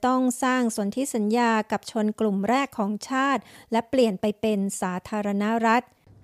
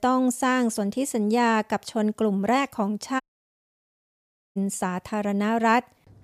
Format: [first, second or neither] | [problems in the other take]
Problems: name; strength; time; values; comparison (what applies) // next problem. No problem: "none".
first | audio cutting out; at 3 s for 1.5 s